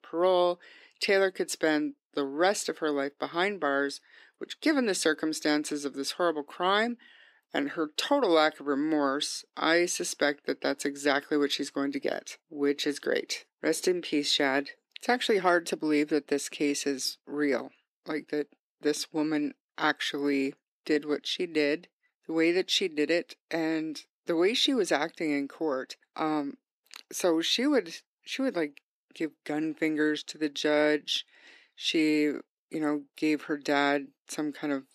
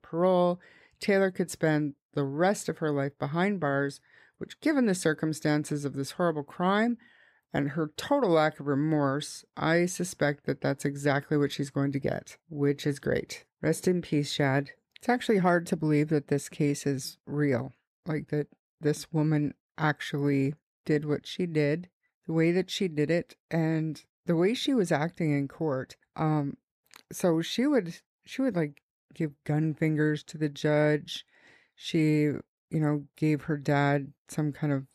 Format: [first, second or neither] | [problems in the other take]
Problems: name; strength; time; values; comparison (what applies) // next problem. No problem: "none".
second | thin; very slightly; fading below 300 Hz